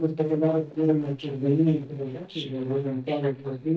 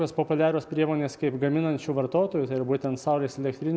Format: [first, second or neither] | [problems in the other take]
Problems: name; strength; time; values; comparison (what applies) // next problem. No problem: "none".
second | noise reduction (neural mask model DeepFilterNet 3)